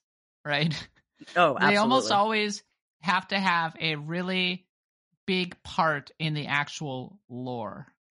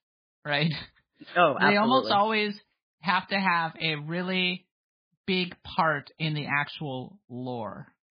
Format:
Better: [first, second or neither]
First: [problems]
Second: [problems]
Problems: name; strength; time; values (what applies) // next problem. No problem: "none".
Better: first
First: garbled, watery; slightly; nothing above 10.5 kHz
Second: garbled, watery; badly; nothing above 4.5 kHz